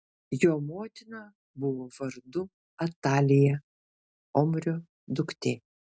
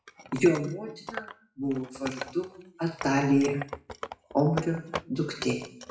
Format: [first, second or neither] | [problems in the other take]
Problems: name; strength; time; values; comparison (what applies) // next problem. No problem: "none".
first | noise reduction (classical method WPE with log-MMSE)